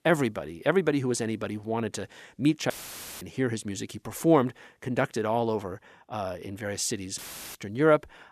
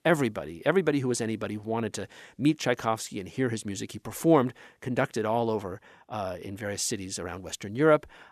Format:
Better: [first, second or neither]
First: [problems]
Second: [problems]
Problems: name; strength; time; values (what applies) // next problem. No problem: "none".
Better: second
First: audio cutting out; filled with static; at 2.5 s for 0.5 s and at 7 s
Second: none